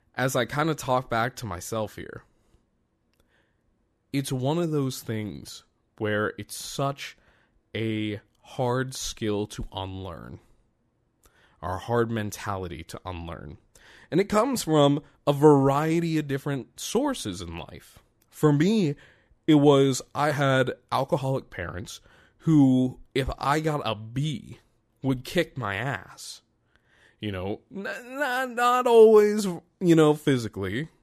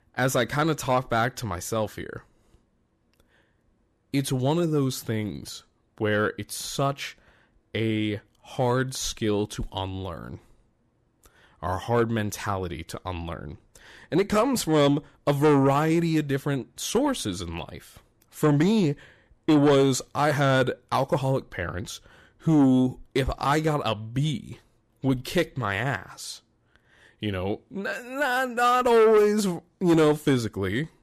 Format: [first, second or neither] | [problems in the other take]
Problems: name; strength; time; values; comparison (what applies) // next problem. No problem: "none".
first | distortion; slight; 10 dB below the speech